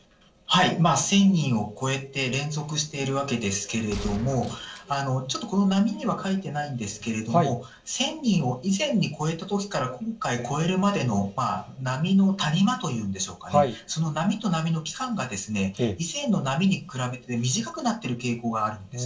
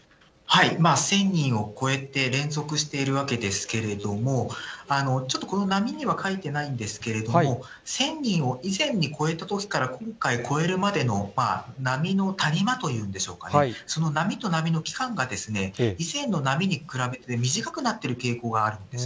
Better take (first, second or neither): second